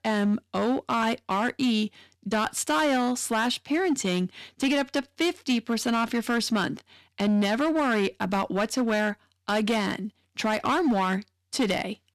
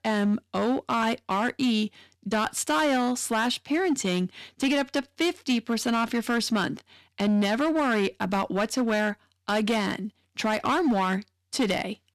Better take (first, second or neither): neither